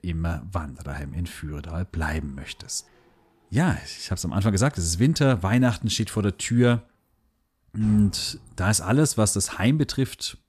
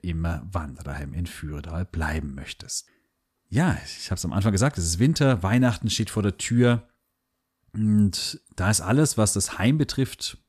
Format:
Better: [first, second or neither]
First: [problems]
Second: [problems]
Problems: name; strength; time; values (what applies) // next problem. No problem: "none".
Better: second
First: traffic noise; faint; throughout; 25 dB below the speech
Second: none